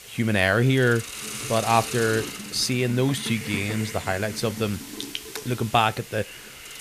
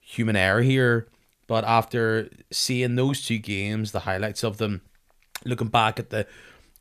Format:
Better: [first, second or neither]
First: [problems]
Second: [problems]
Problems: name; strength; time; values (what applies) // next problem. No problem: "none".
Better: second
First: hiss; loud; throughout; 10 dB below the speech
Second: none